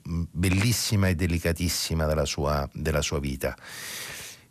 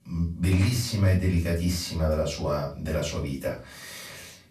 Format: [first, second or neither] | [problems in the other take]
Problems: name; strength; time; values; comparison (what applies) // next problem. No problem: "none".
first | off-mic speech; far // room echo; slight; dies away in 0.3 s